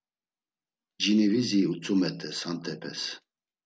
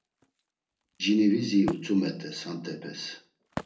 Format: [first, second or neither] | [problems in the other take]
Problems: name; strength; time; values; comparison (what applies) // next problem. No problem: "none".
first | background sound (Wood); 16 dB below the speech // room echo; dies away in 0.3 s